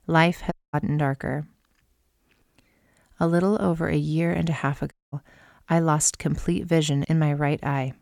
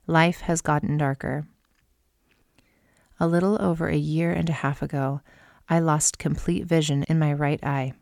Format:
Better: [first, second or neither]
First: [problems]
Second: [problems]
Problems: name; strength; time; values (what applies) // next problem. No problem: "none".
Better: second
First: audio cutting out; at 0.5 s and at 5 s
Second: none